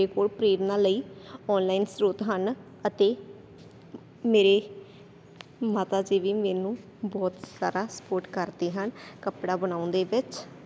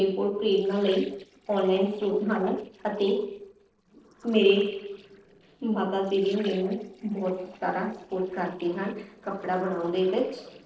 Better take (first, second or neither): first